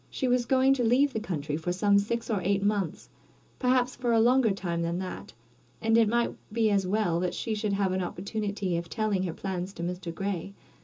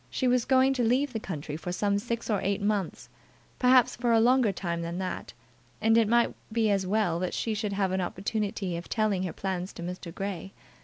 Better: second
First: room echo; dies away in 0.2 s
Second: none

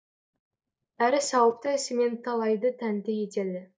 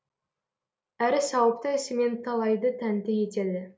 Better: second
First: noise reduction (neural mask model DeepFilterNet 3)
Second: none

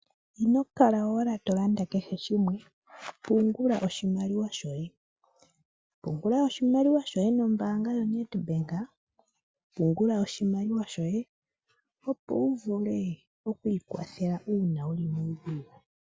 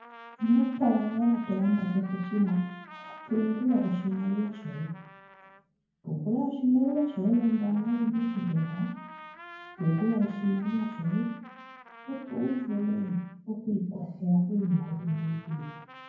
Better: first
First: none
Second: background sound (Trumpet); 19 dB below the speech // room echo; dies away in 0.9 s

